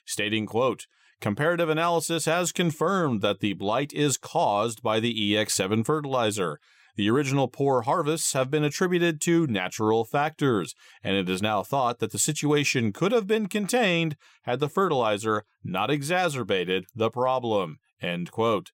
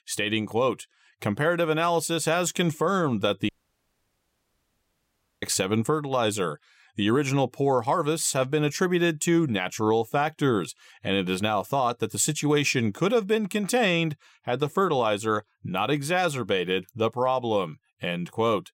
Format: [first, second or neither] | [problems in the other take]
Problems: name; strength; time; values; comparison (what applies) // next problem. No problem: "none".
first | audio cutting out; at 3.5 s for 2 s